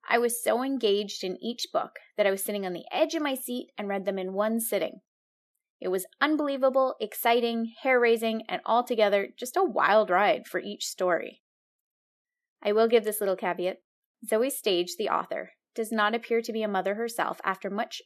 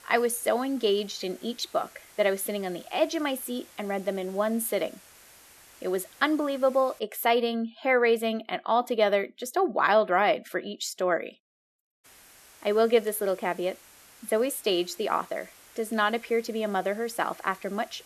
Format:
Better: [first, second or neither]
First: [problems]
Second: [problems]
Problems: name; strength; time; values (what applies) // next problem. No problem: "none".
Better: first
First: none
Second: hiss; faint; until 7 s and from 12 s on; 25 dB below the speech